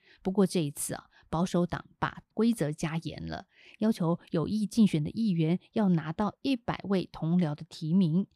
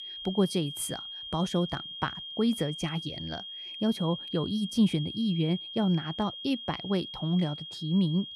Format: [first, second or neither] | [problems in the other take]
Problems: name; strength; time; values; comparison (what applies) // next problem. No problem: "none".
first | high-pitched whine; loud; throughout; 3 kHz, 8 dB below the speech